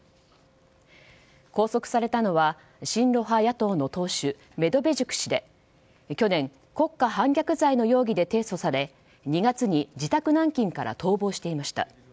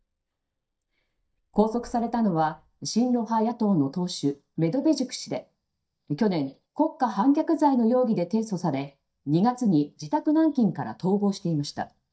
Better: first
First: none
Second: noise reduction (neural mask model DeepFilterNet 3)

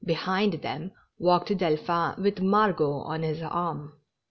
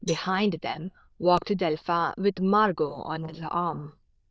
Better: first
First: none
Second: noise reduction (neural diffusion model UNIVERSE++)

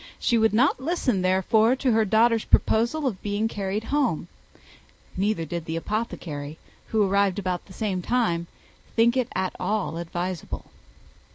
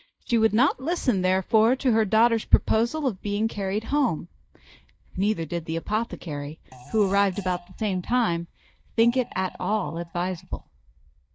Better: first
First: none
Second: noise reduction (neural mask model DeepFilterNet 3)

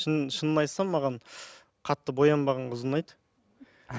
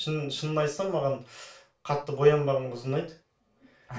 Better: first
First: none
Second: room echo; dies away in 0.3 s

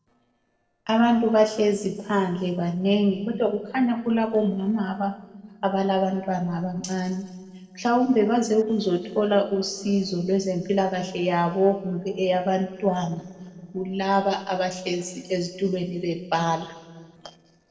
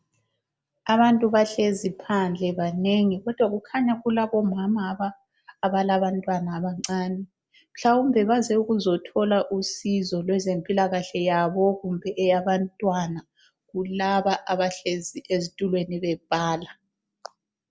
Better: second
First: noise reduction (neural separator model SepFormer DNS4)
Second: none

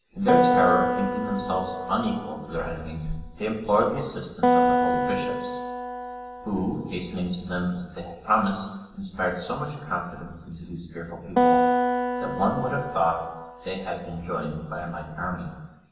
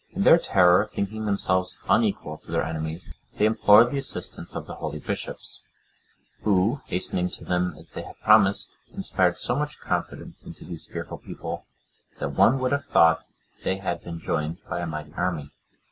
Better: second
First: background sound (Acoustic guitar); 2 dB above the speech // room echo; dies away in 0.9 s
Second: none

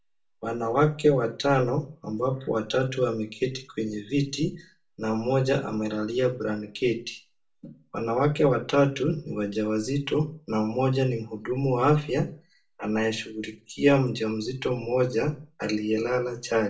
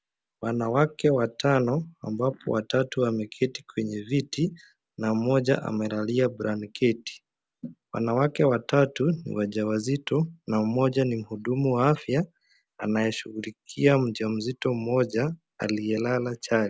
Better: second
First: room echo; dies away in 0.2 s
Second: none

